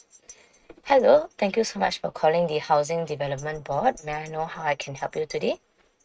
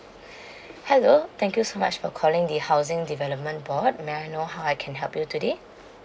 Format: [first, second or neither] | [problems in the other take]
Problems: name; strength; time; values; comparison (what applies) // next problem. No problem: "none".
second | noise reduction (neural mask model RNNoise)